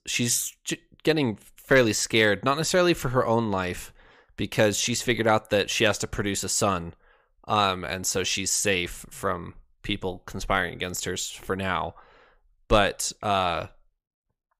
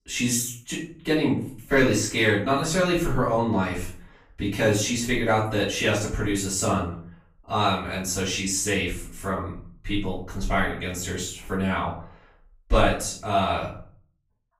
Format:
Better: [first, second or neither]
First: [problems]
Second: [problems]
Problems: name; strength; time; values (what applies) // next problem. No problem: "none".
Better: first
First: none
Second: off-mic speech; far // room echo; noticeable; dies away in 0.4 s